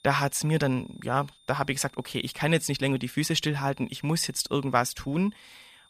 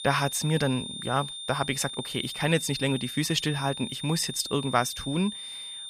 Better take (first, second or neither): first